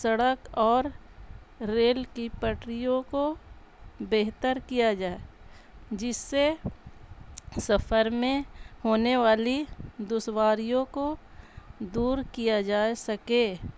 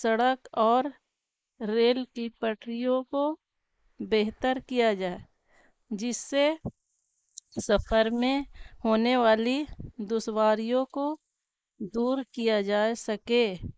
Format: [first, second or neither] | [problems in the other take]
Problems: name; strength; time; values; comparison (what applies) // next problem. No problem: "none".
first | noise reduction (neural mask model Resemble Enhance denoiser)